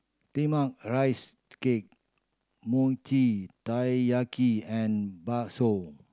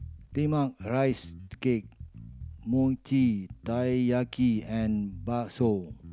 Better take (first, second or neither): first